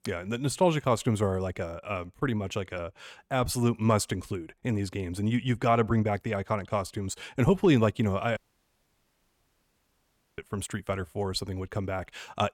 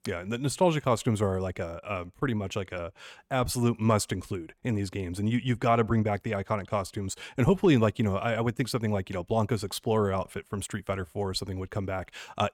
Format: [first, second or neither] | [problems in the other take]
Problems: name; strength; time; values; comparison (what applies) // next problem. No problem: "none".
second | audio cutting out; at 8.5 s for 2 s